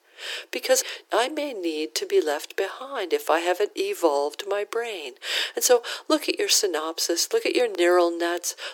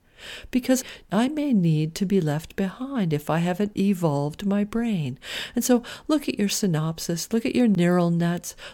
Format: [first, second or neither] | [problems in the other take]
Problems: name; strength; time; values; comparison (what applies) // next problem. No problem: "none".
second | thin; very; fading below 350 Hz